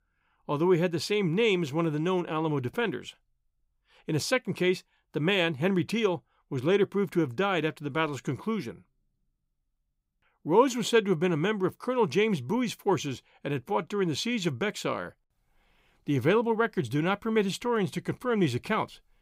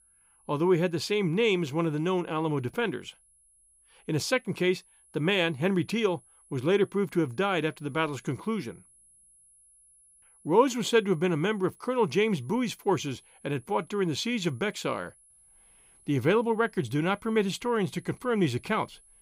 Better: first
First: none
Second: high-pitched whine; faint; throughout; 10.5 kHz, 30 dB below the speech

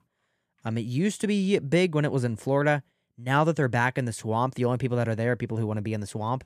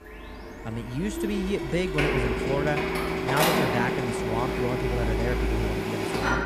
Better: first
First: none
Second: household noises; very loud; throughout; 3 dB above the speech

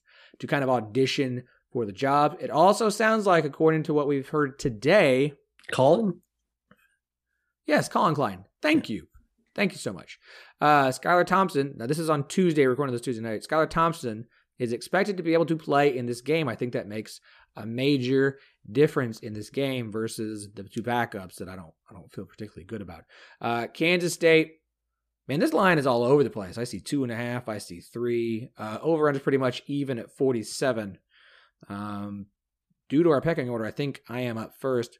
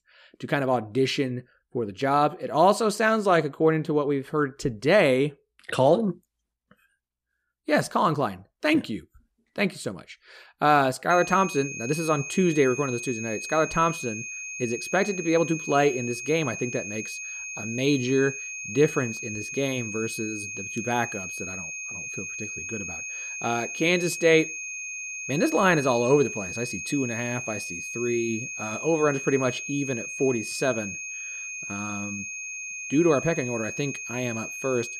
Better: first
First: none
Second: high-pitched whine; loud; from 11 s on; 2.5 kHz, 8 dB below the speech

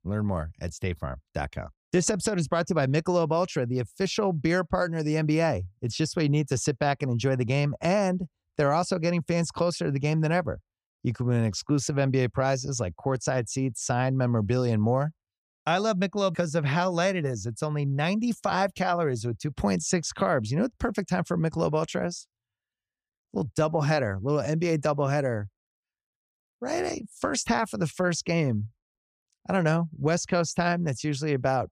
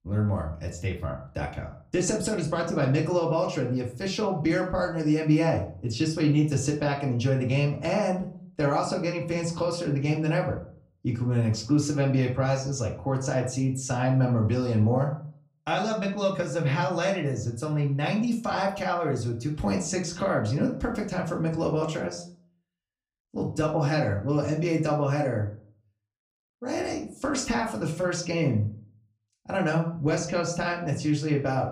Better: first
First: none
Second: off-mic speech; far // room echo; slight; dies away in 0.4 s

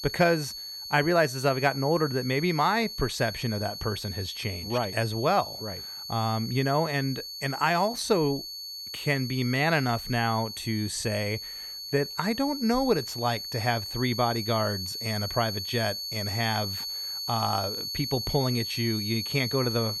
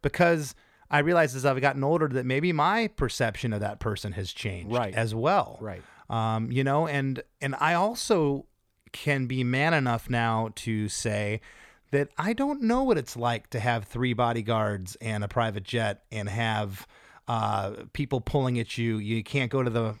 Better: second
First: high-pitched whine; loud; throughout; 4.5 kHz, 6 dB below the speech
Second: none

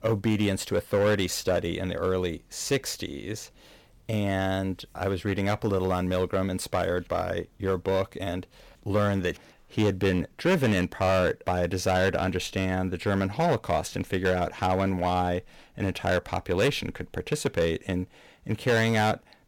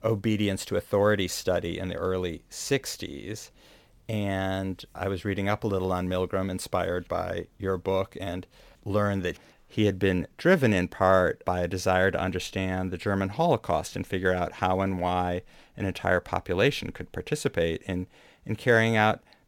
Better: second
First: distortion; slight; 5% of the sound clipped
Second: none

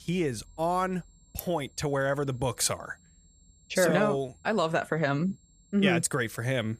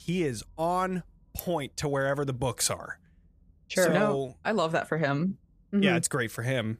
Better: second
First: high-pitched whine; faint; throughout; 7.5 kHz, 35 dB below the speech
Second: none

